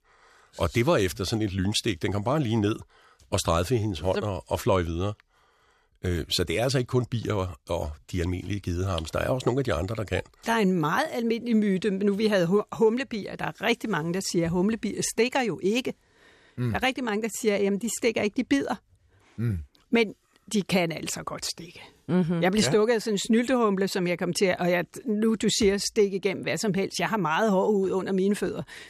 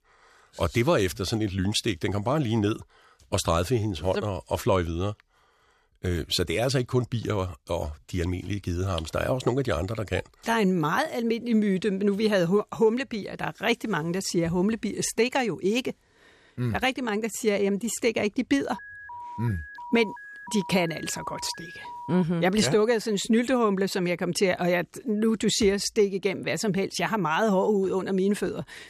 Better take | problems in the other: first | alarm; faint; from 19 to 22 s; peak 15 dB below the speech

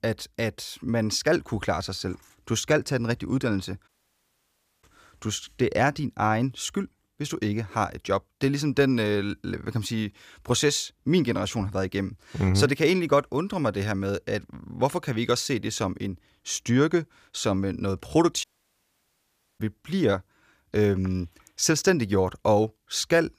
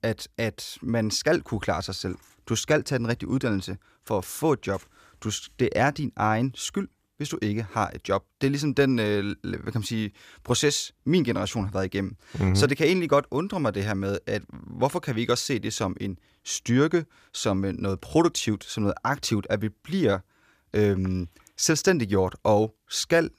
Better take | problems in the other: second | audio cutting out; at 4 s for 1 s and at 18 s for 1 s

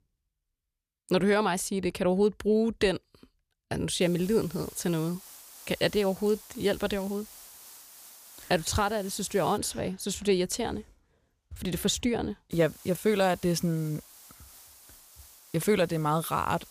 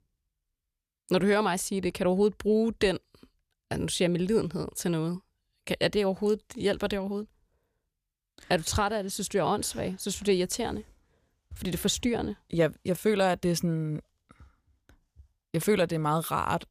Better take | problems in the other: second | hiss; noticeable; from 4 to 9.5 s and from 13 s on; 20 dB below the speech

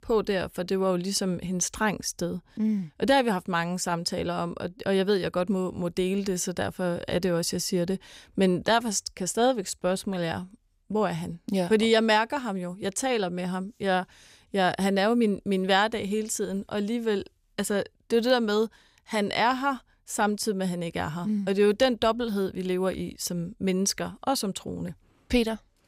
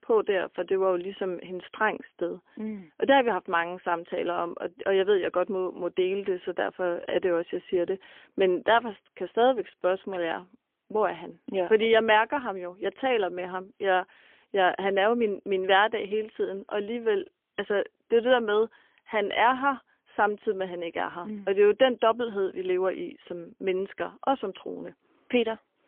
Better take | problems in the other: first | phone-call audio; poor line; nothing above 3.5 kHz

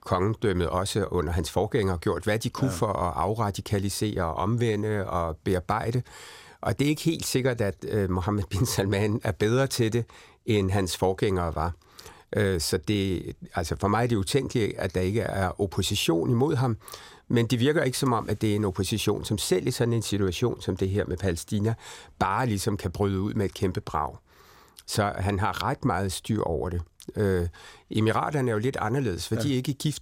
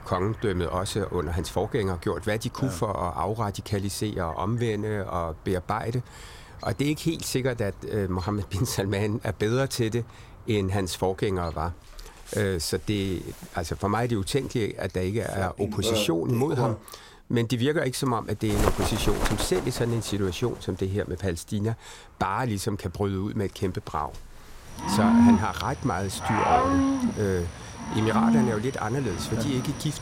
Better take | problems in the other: first | animal sounds; very loud; throughout; 1 dB above the speech

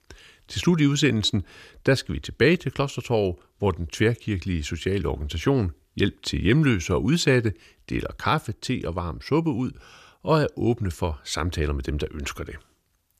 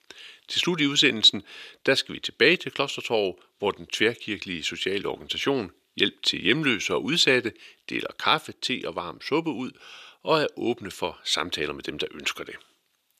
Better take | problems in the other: first | thin; somewhat; fading below 300 Hz

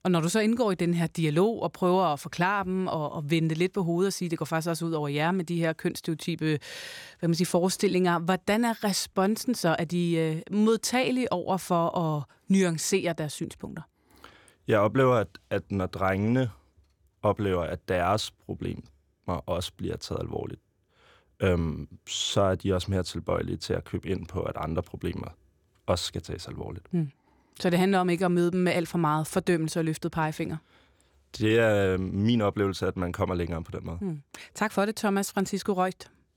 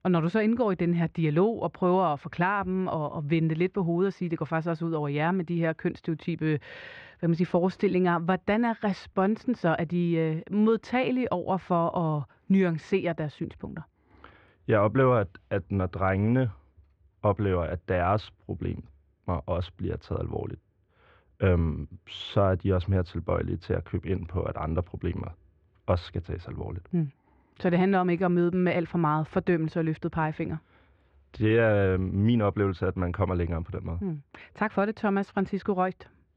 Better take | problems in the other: first | muffled; very; fading above 2.5 kHz

